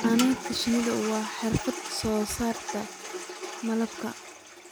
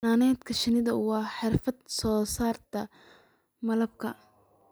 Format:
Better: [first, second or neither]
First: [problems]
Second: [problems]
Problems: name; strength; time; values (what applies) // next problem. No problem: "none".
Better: second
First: background sound (Toilet flush); 7 dB below the speech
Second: none